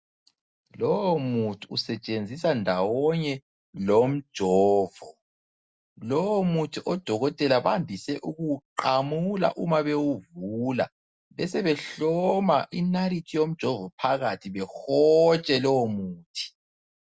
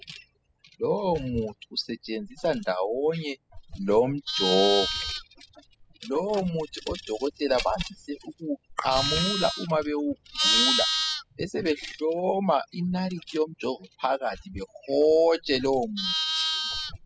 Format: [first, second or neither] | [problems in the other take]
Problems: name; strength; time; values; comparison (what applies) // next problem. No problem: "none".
first | noise reduction (classical method spectral subtraction)